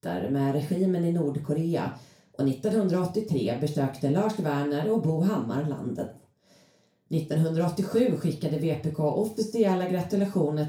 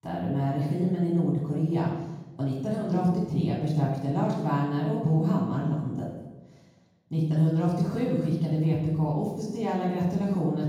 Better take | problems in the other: first | room echo; strong; dies away in 1.3 s; slight in the first // off-mic speech; far; far in the first

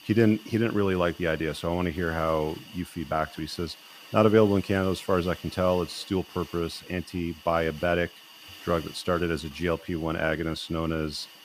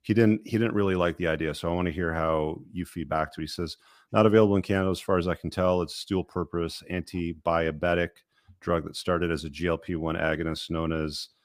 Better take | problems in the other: second | hiss; noticeable; throughout; 20 dB below the speech

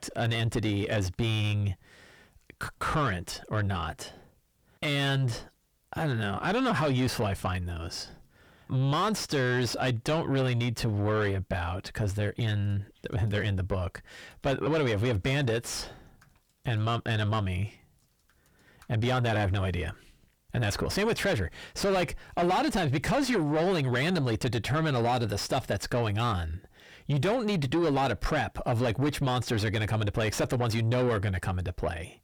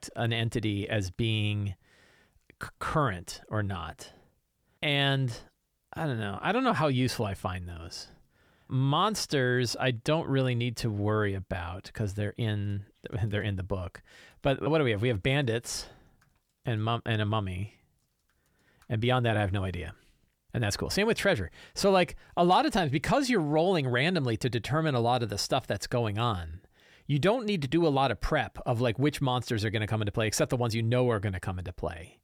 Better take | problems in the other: second | distortion; heavy; 7 dB below the speech

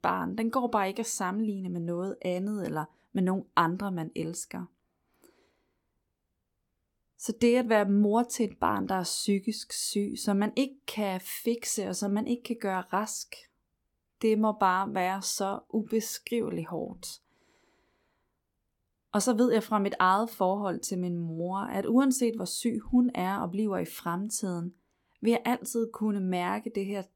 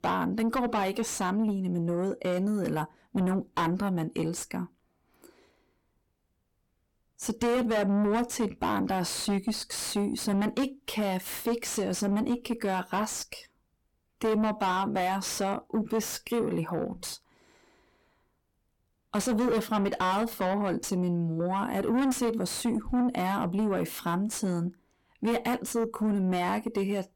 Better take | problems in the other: first | distortion; heavy; 6 dB below the speech

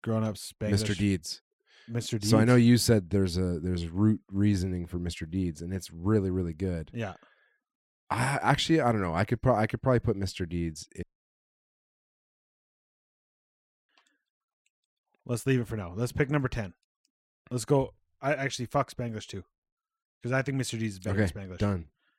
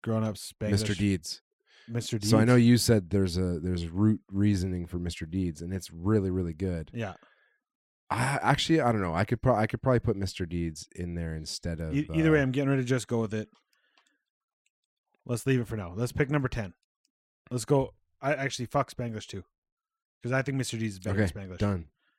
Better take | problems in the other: second | audio cutting out; at 11 s for 3 s

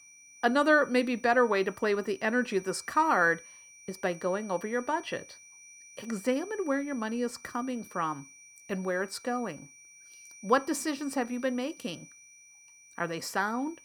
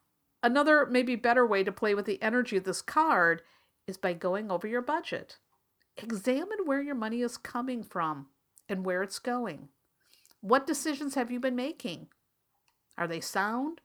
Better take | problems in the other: second | high-pitched whine; faint; throughout; 6 kHz, 20 dB below the speech

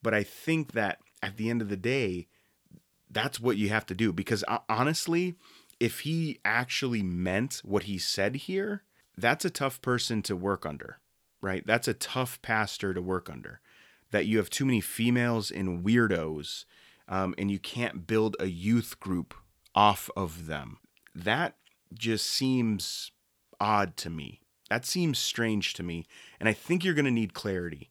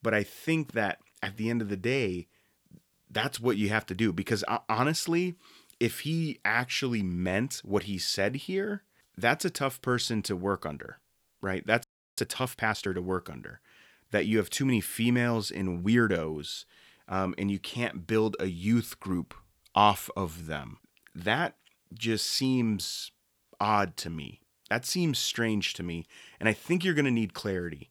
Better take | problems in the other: first | audio freezing; at 12 s

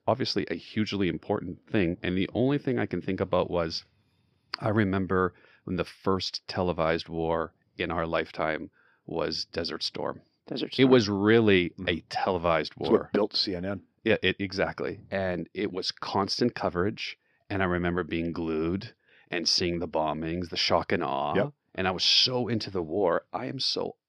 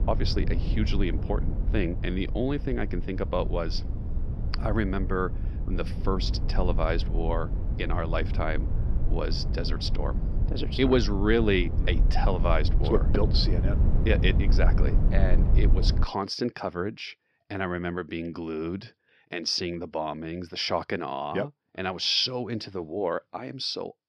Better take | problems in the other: first | low rumble; noticeable; until 16 s; 10 dB below the speech

